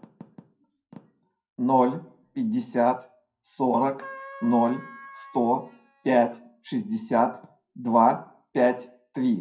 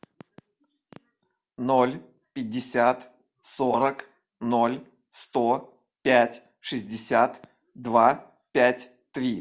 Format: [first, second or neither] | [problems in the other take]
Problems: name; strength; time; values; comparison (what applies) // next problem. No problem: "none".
second | noise reduction (classical method WPE with log-MMSE)